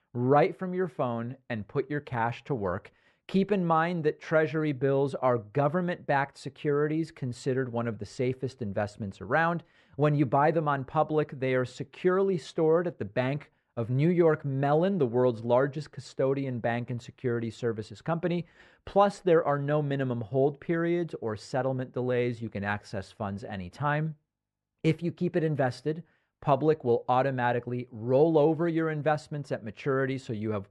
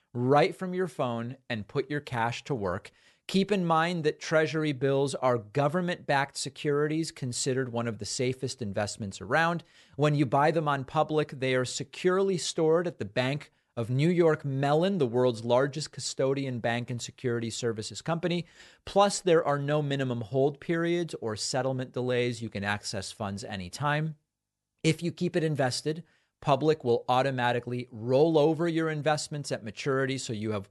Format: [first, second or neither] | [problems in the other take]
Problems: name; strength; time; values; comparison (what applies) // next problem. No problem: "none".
second | muffled; slightly; fading above 3.5 kHz